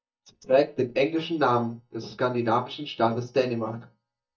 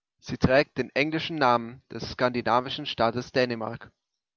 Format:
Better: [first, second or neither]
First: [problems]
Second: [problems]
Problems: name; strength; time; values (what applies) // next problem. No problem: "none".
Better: second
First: noise reduction (neural mask model DeepFilterNet 3)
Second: none